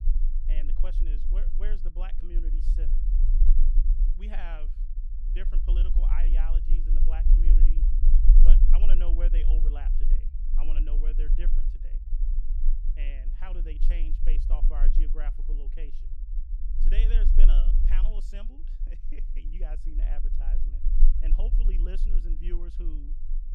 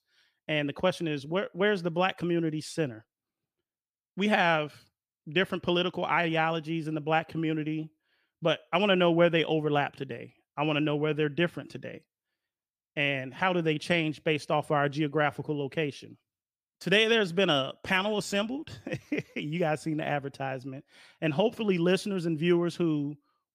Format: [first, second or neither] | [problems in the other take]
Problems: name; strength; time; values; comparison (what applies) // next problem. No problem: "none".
second | low rumble; loud; throughout; 6 dB below the speech